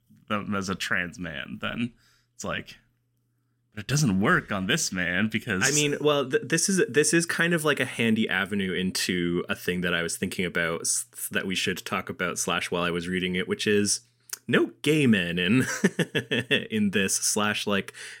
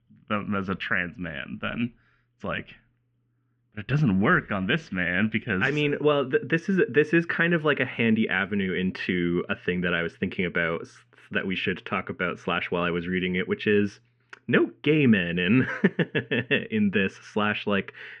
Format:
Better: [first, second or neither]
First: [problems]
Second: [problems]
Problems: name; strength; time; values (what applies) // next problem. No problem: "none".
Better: first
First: none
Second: muffled; very; fading above 2.5 kHz